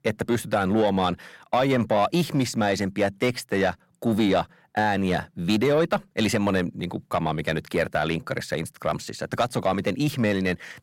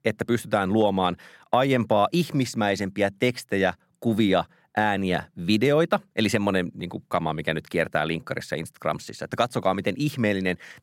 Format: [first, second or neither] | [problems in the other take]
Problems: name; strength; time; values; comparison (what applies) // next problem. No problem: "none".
second | distortion; slight; 10 dB below the speech